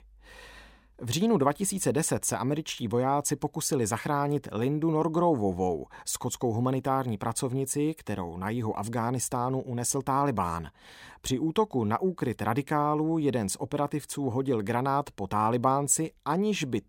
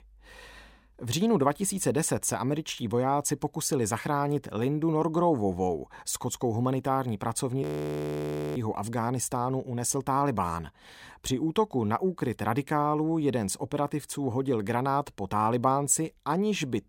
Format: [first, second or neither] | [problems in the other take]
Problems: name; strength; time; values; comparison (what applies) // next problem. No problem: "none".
first | audio freezing; at 7.5 s for 1 s